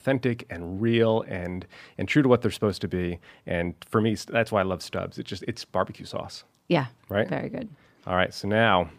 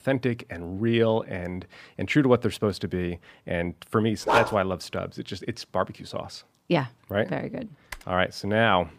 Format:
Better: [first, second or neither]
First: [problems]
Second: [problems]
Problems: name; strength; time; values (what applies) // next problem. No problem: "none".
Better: first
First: none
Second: dog barking; loud; at 4.5 s; peak 3 dB above the speech // keyboard typing; faint; at 8 s; peak 15 dB below the speech